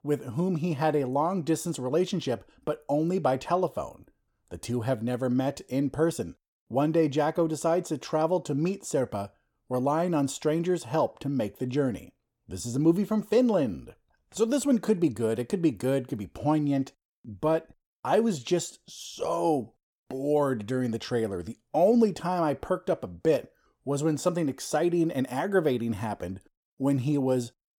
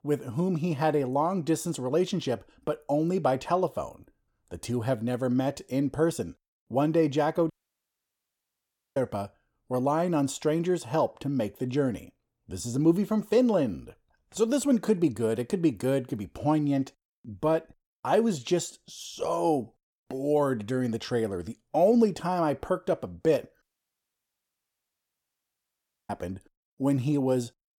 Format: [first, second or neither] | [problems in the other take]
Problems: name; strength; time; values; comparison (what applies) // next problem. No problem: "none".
first | audio cutting out; at 7.5 s for 1.5 s and at 24 s for 2.5 s